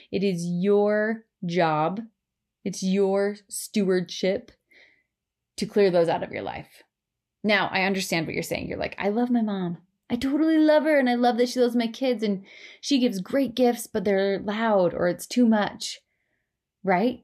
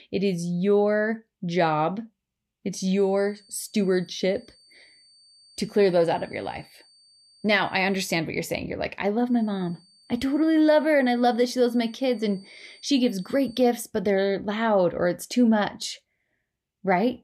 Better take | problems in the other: first | high-pitched whine; faint; from 3 to 8 s and from 9.5 to 14 s; 4.5 kHz, 30 dB below the speech

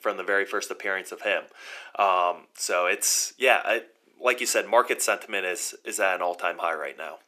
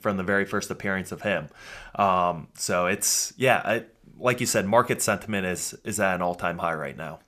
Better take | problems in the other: second | thin; very; fading below 300 Hz

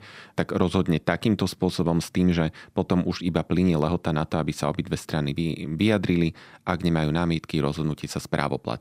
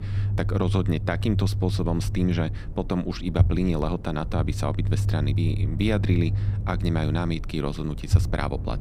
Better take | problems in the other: first | low rumble; noticeable; throughout; 10 dB below the speech

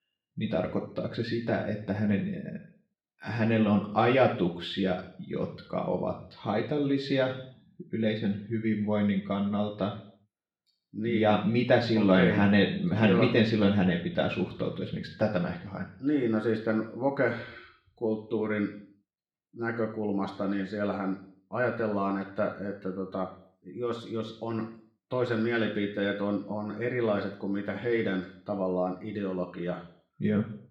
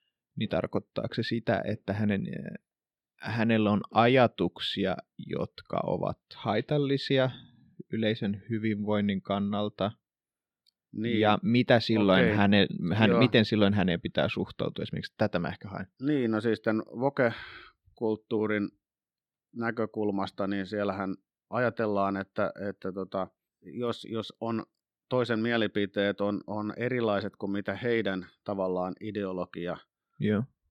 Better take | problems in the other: second | room echo; slight; dies away in 0.5 s // off-mic speech; somewhat distant

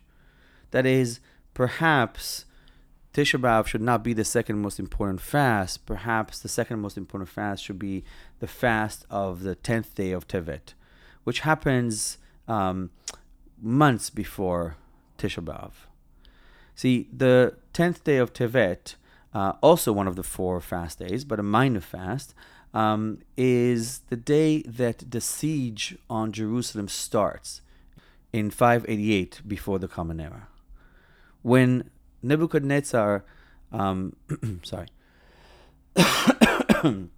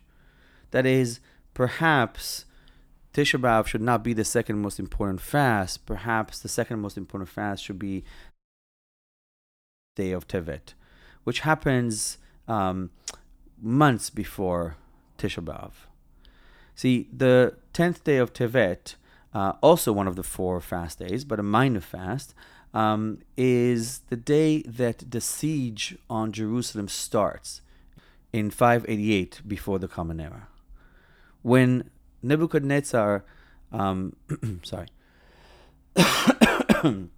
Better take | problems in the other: first | audio cutting out; at 8.5 s for 1.5 s

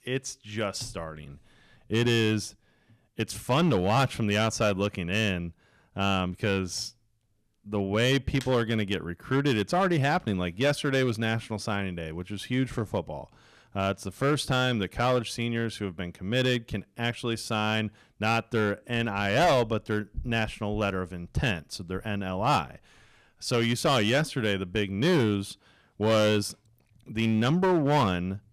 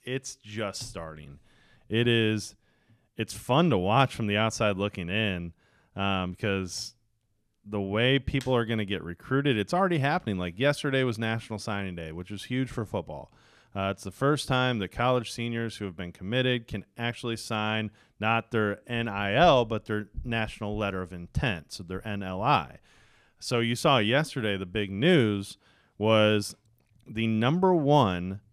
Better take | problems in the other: second | distortion; slight; 5% of the sound clipped

